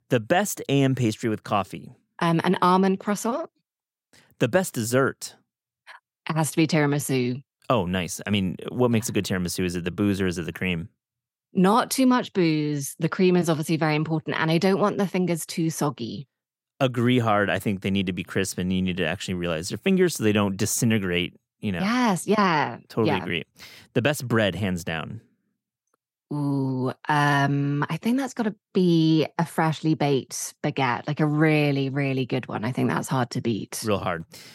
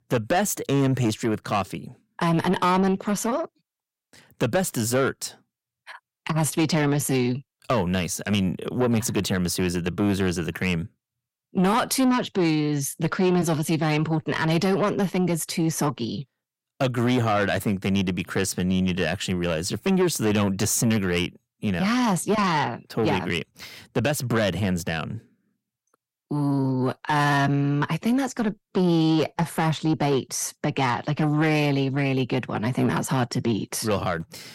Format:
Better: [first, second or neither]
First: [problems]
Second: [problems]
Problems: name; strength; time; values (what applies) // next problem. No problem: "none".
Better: first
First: none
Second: distortion; slight; 10 dB below the speech